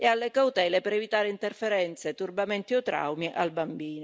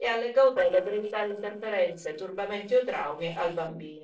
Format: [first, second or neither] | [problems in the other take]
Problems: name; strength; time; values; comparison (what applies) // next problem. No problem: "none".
first | noise reduction (neural separator model SepFormer DNS4)